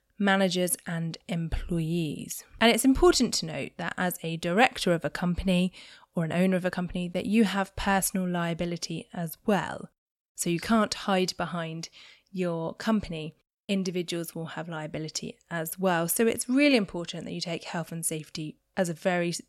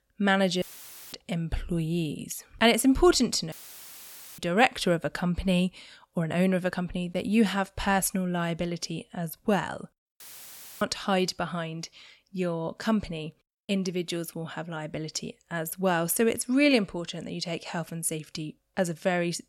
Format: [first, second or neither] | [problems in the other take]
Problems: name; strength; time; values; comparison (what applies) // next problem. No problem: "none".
first | audio cutting out; filled with static; at 0.5 s for 0.5 s, at 3.5 s for 1 s and at 10 s for 0.5 s